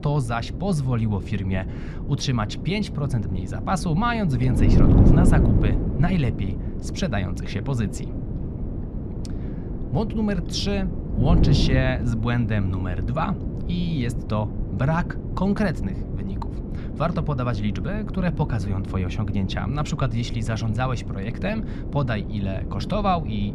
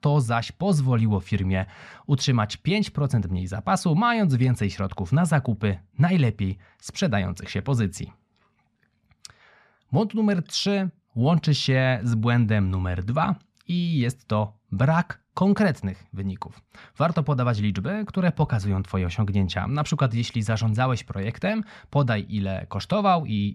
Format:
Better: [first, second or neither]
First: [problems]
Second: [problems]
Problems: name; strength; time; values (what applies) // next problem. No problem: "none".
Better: second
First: wind noise on the microphone; heavy; 6 dB below the speech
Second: none